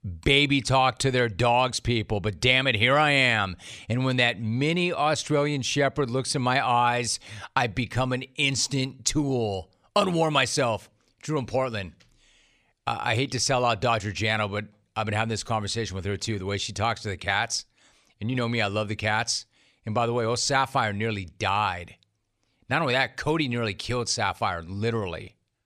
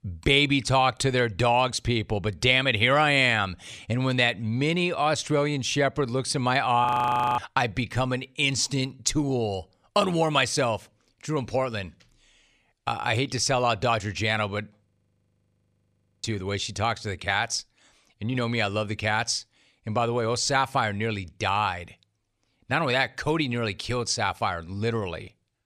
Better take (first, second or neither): first